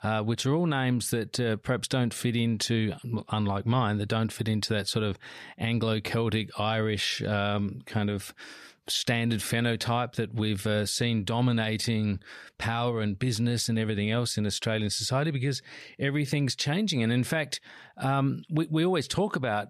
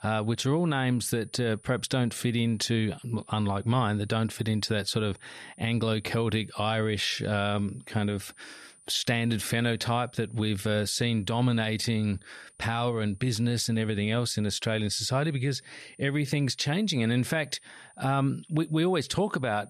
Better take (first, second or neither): first